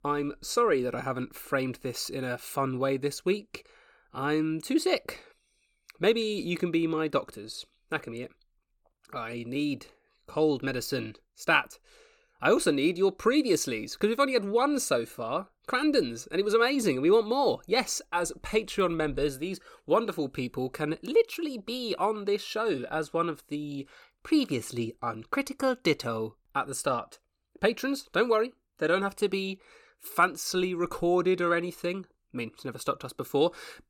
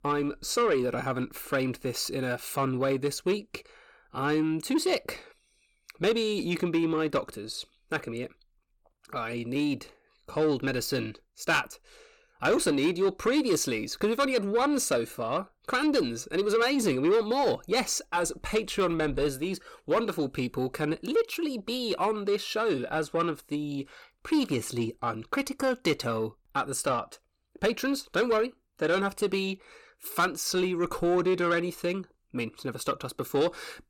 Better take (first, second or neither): first